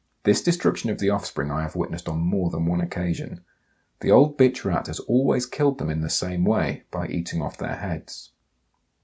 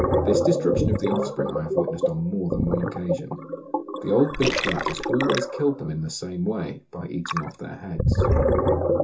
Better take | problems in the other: first | background sound (Gurgling); 2 dB above the speech // room echo; dies away in 0.2 s

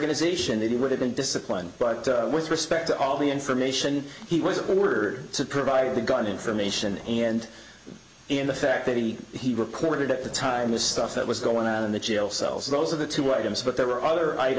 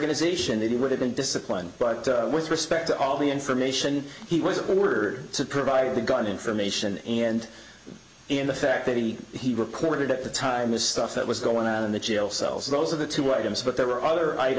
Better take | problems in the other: second | background sound (Boom); 19 dB below the speech

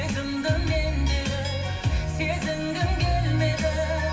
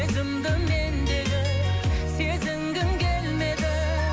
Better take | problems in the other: second | room echo; dies away in 1.1 s

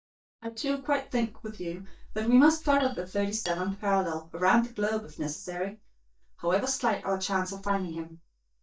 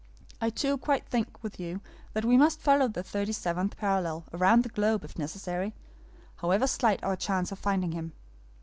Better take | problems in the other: second | noise reduction (neural mask model DeepFilterNet 3)

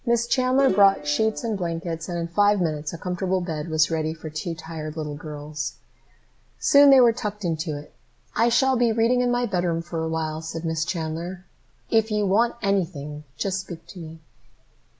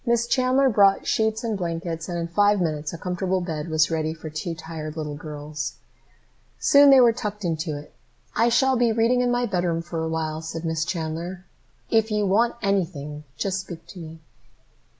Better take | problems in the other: second | background sound (Plucked string instrument); 11 dB below the speech

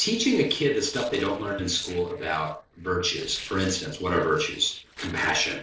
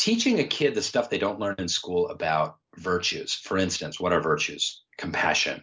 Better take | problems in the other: second | noise reduction (neural separator model SepFormer DNS4)

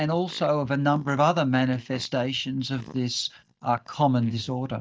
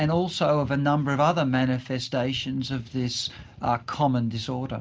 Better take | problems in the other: second | noise reduction (neural mask model DeepFilterNet 3)

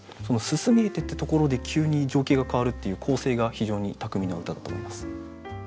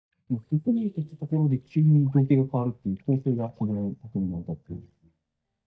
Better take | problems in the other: first | noise reduction (neural mask model DeepFilterNet 3)

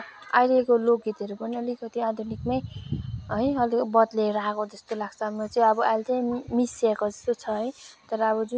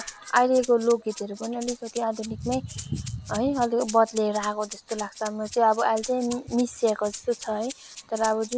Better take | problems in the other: first | background sound (Rattle (instrument)); 16 dB below the speech

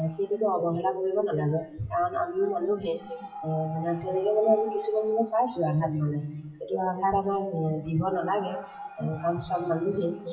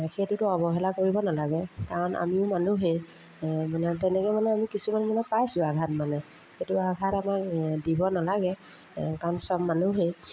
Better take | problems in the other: second | noise reduction (classical method WPE with log-MMSE)

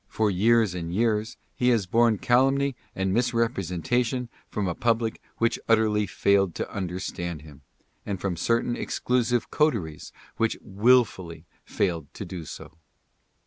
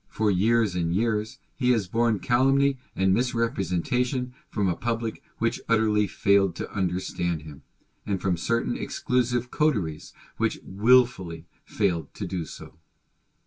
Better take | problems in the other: first | room echo; dies away in 0.1 s

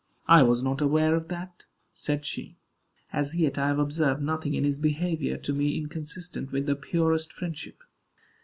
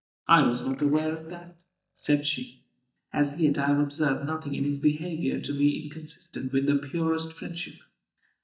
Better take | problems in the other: first | noise reduction (neural mask model DeepFilterNet 3)

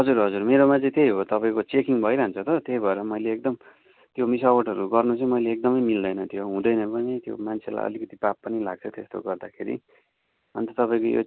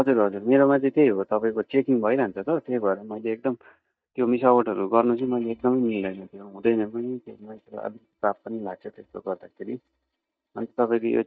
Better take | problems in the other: first | noise reduction (neural mask model DeepFilterNet 3)

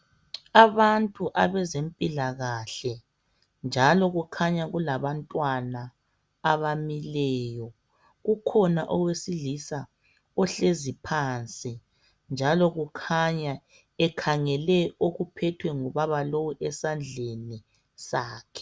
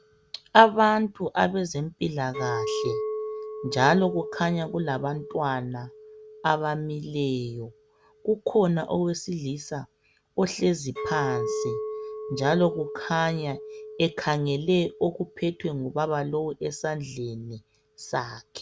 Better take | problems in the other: first | background sound (Chink, clink); 10 dB below the speech

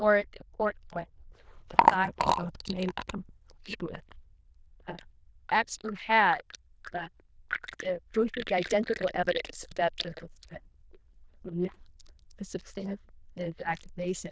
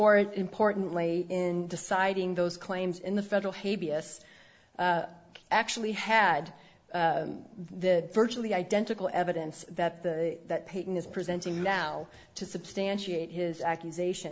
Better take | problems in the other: second | noise reduction (neural diffusion model UNIVERSE++)

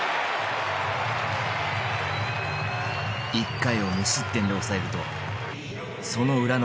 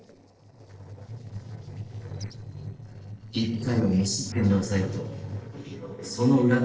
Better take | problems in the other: first | noise reduction (neural separator model SepFormer DNS4)

